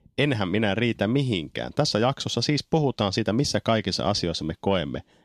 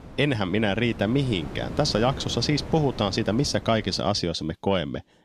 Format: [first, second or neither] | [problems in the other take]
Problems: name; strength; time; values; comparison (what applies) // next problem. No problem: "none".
first | wind noise on the microphone; occasional gusts; until 4 s; 15 dB below the speech